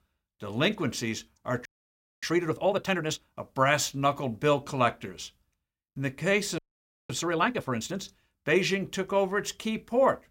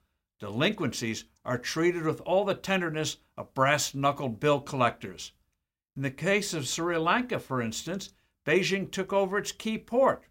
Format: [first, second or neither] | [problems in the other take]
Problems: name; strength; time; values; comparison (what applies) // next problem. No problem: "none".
second | audio freezing; at 1.5 s for 0.5 s and at 6.5 s for 0.5 s